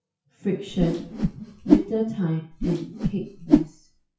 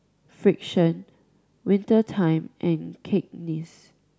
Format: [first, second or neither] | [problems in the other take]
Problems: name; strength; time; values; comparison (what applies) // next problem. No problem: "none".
second | noise reduction (classical method WPE with log-MMSE)